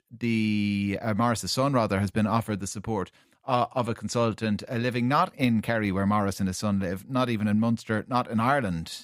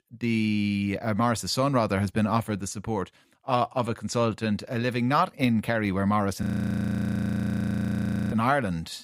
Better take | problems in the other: first | audio freezing; at 6.5 s for 2 s

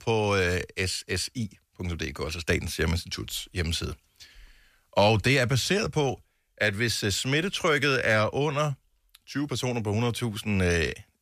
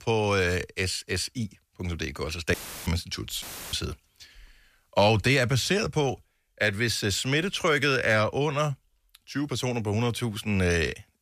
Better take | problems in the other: first | audio cutting out; filled with static; at 2.5 s and at 3.5 s

